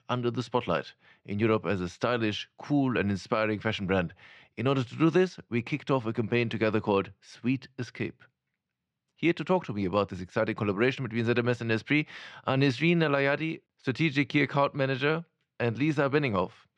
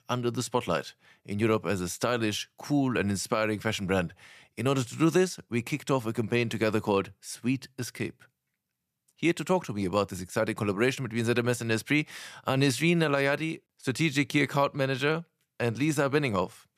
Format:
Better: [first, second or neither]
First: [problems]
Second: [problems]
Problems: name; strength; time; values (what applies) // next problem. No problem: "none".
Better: second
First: muffled; slightly; fading above 4 kHz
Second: none